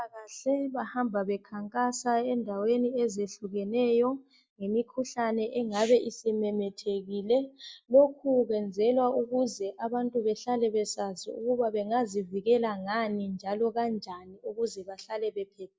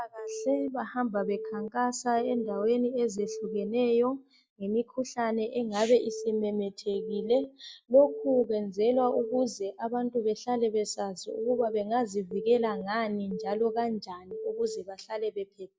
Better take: first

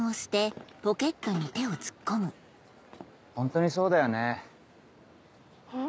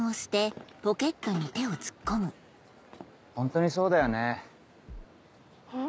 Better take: first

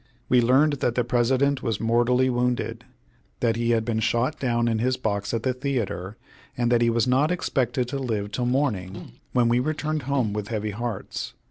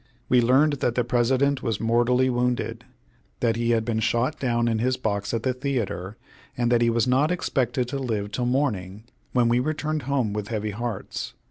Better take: second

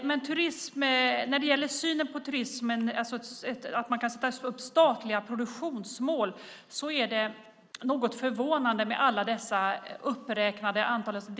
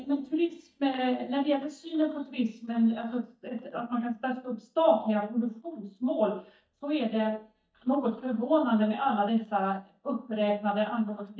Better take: first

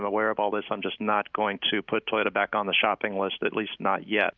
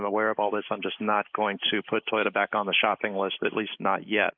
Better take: first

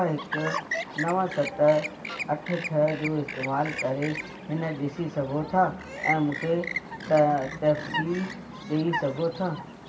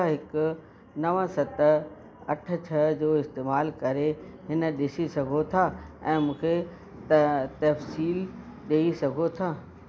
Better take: second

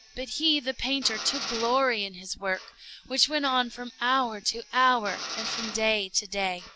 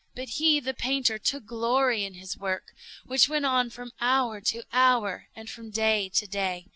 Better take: second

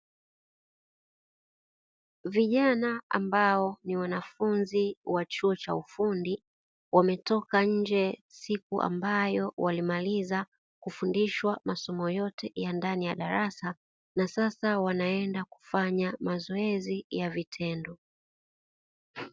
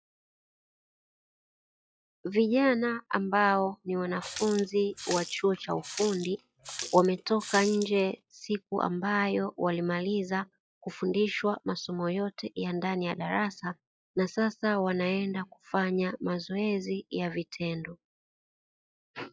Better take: first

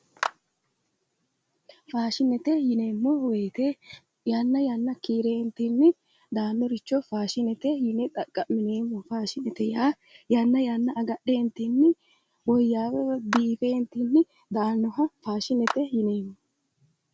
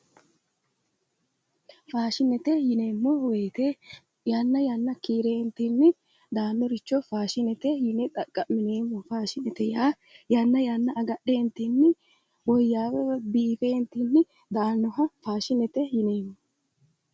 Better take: second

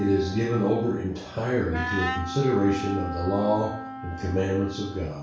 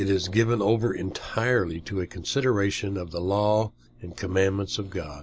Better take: second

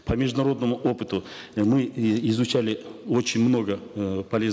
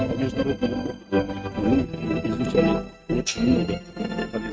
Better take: first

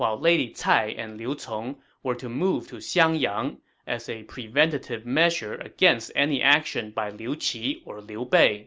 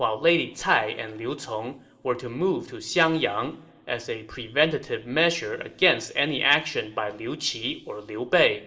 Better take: first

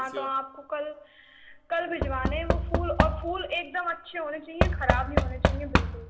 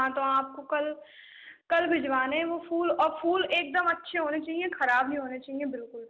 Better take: second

